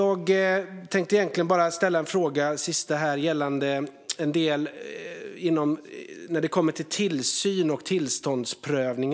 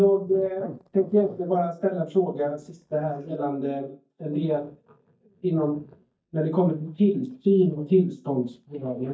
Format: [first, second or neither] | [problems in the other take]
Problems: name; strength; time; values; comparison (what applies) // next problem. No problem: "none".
first | noise reduction (neural mask model DeepFilterNet 3)